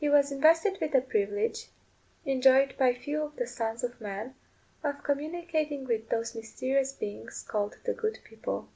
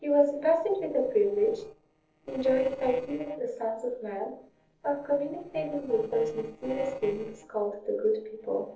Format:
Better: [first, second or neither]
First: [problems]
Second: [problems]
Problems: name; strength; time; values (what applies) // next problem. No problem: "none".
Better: first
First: none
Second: noise reduction (neural separator model SepFormer DNS4)